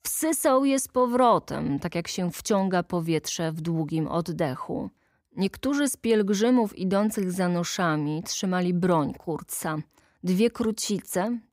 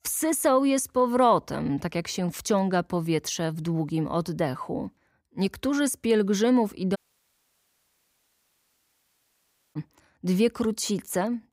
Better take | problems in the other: first | audio cutting out; at 7 s for 3 s

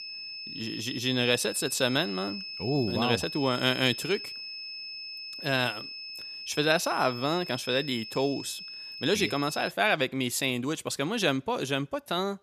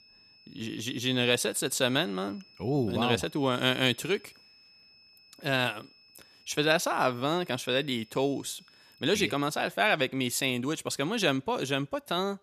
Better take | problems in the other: second | high-pitched whine; loud; until 9.5 s; 5 kHz, 9 dB below the speech; faint in the second

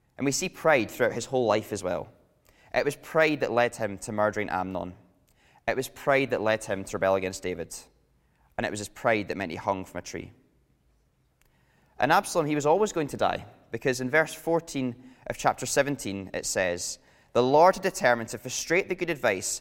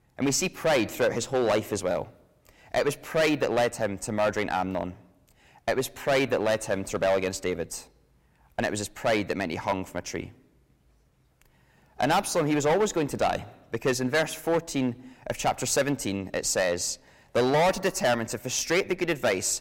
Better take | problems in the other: first | distortion; heavy; 7% of the sound clipped

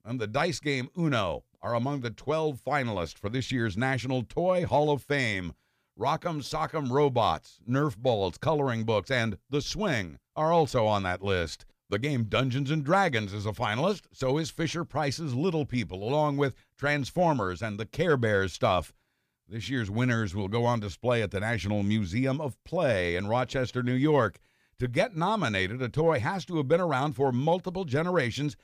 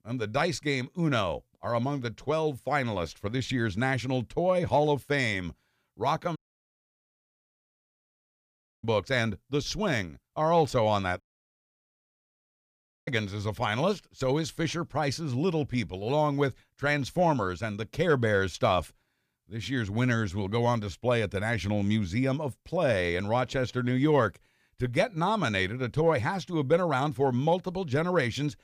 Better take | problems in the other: first | audio cutting out; at 6.5 s for 2.5 s and at 11 s for 2 s

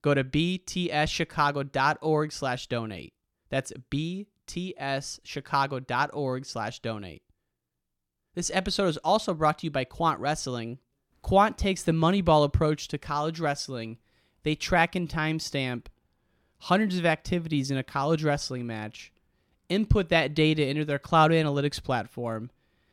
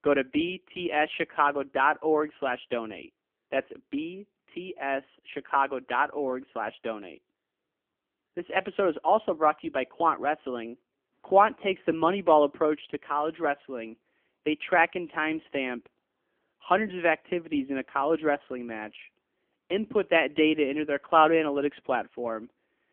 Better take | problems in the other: first | phone-call audio; poor line; nothing above 3 kHz

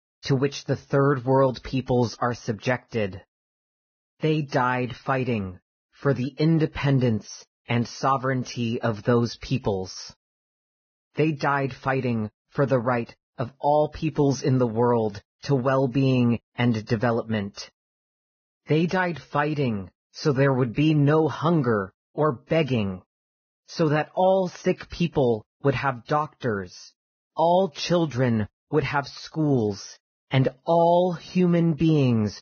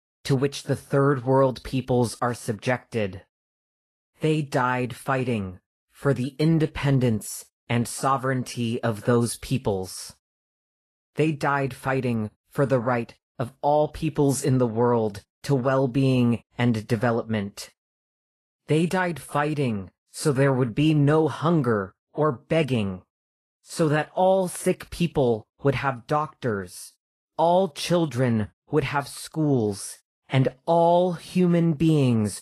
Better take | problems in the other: second | garbled, watery; badly; nothing above 6.5 kHz; slightly in the second

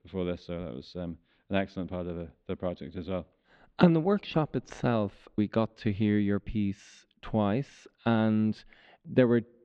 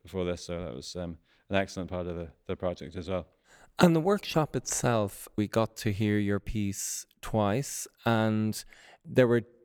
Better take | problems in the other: second | muffled; slightly; fading above 3.5 kHz

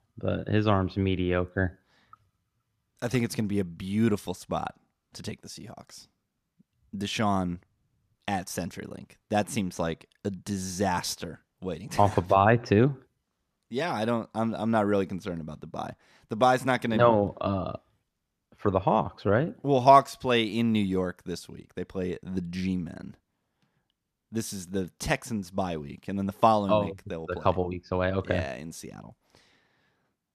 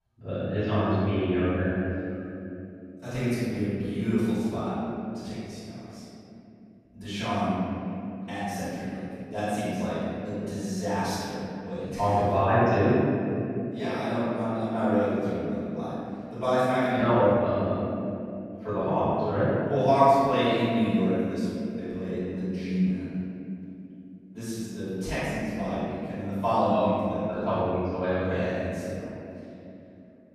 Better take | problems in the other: first | off-mic speech; far // room echo; strong; dies away in 3 s

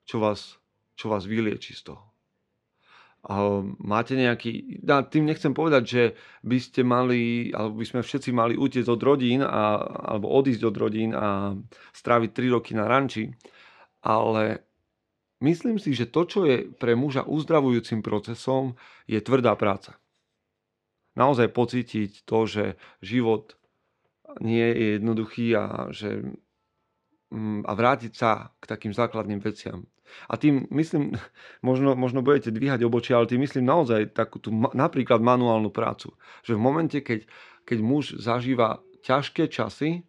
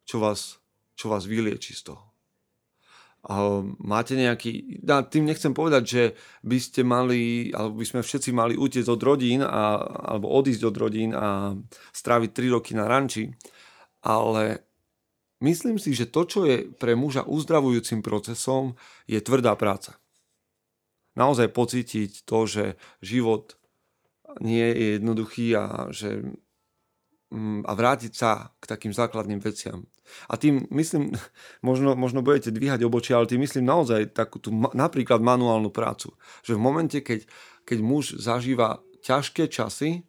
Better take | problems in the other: second | muffled; slightly; fading above 3 kHz

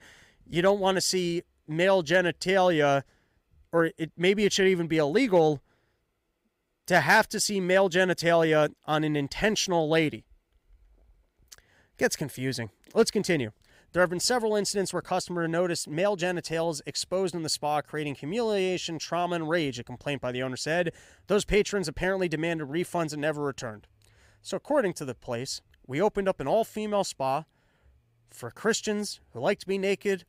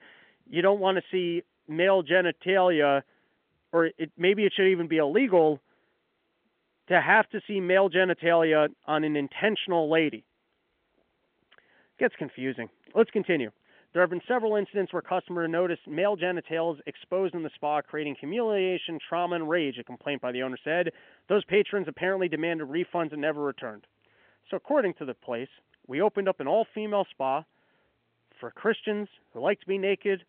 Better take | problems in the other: first | phone-call audio; nothing above 3.5 kHz

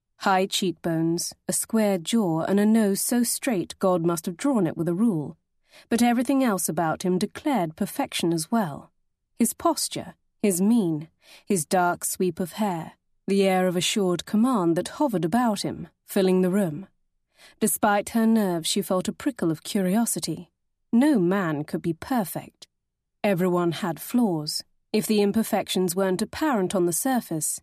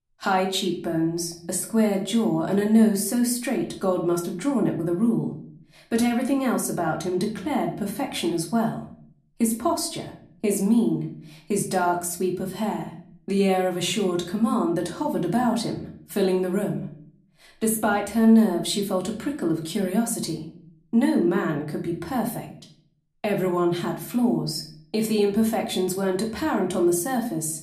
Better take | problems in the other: first | room echo; slight; dies away in 0.4 s // off-mic speech; somewhat distant

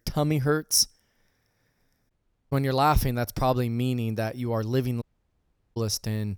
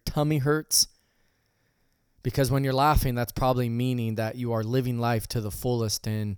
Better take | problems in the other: second | audio cutting out; at 2 s and at 5 s for 0.5 s

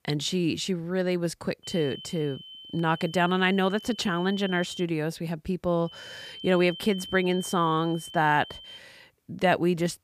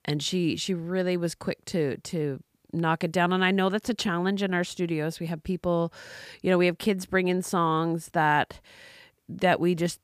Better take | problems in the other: second | high-pitched whine; noticeable; from 1.5 to 5 s and from 6 to 9 s; 3 kHz, 15 dB below the speech

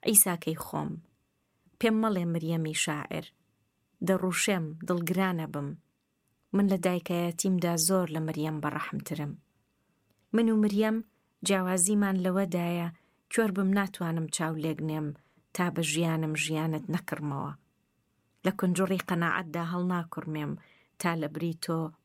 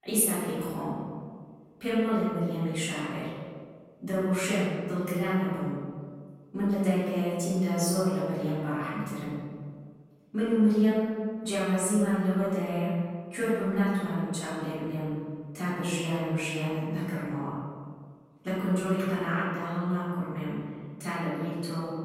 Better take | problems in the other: first | off-mic speech; far // room echo; strong; dies away in 1.7 s

